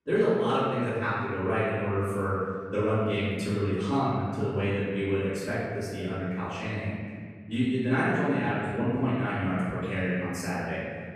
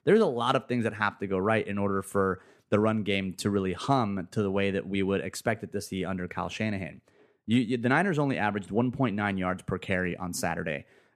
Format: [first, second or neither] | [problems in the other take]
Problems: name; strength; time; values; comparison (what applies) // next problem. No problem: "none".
second | off-mic speech; far // room echo; strong; dies away in 1.9 s